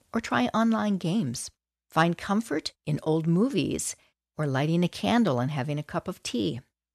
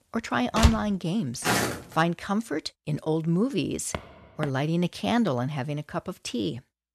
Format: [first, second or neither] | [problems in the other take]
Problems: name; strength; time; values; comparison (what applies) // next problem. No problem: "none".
first | door banging; loud; at 0.5 s; peak 4 dB above the speech // footsteps; loud; at 1.5 s; peak 3 dB above the speech // footsteps; faint; at 4 s; peak 10 dB below the speech